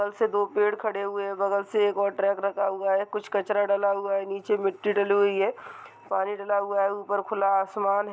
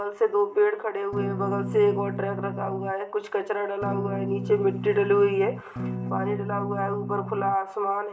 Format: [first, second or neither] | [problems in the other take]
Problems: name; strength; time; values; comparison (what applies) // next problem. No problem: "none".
first | background sound (Electric guitar / Strum); 6 dB below the speech // room echo; dies away in 1.1 s